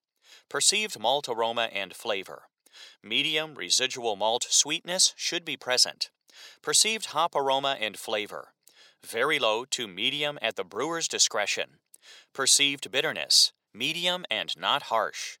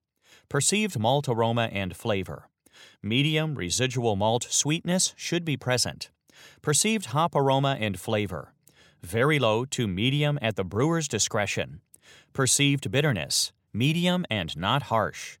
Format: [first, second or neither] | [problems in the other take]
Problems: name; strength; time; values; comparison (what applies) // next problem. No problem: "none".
second | thin; very; fading below 500 Hz